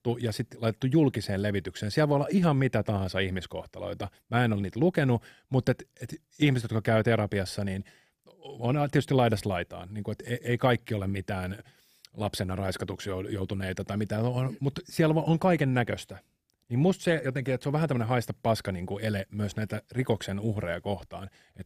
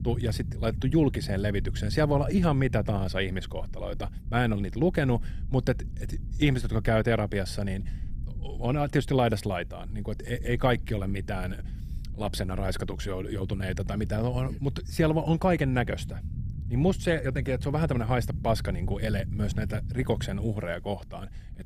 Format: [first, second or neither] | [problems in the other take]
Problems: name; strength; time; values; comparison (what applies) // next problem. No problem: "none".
first | low rumble; noticeable; throughout; 20 dB below the speech